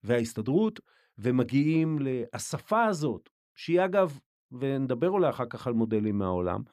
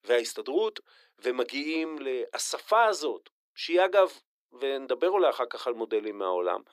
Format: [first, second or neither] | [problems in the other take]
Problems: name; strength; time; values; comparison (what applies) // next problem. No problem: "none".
first | thin; very; fading below 350 Hz